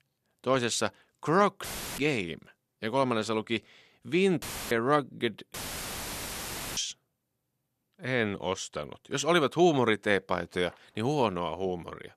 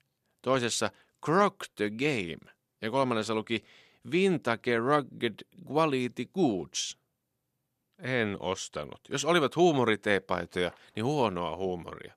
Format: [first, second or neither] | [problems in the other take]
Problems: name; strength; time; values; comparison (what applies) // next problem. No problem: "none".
second | audio cutting out; filled with static; at 1.5 s, at 4.5 s and at 5.5 s for 1 s